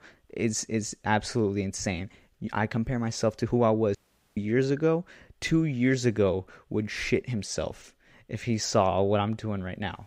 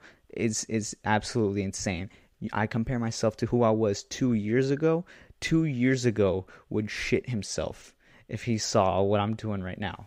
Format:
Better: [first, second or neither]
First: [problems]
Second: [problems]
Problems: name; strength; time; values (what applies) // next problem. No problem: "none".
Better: second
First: audio cutting out; at 4 s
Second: none